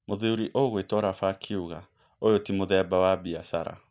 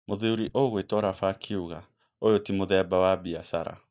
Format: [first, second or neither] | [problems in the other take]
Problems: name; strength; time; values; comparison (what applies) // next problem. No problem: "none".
first | noise reduction (neural mask model DeepFilterNet 3)